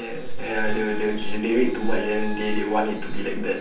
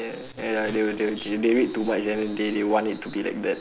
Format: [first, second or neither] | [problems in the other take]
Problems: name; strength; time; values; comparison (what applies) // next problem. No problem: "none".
second | background sound (Wind instrument, woodwind instrument); 19 dB below the speech // room echo; dies away in 0.4 s